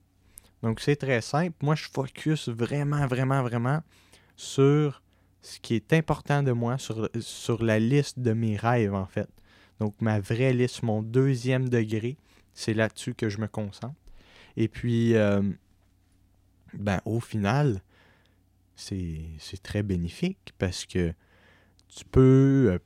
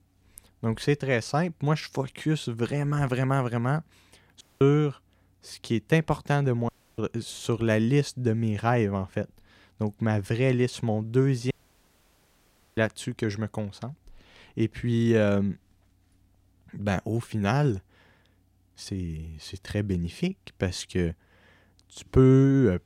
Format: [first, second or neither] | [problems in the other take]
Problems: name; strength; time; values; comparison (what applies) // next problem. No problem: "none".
first | audio cutting out; at 4.5 s, at 6.5 s and at 12 s for 1.5 s